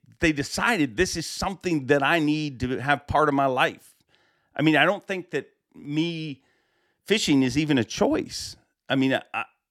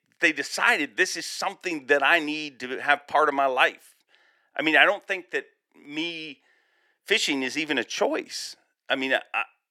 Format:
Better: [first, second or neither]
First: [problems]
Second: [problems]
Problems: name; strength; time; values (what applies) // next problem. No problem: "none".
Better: first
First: none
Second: thin; somewhat; fading below 500 Hz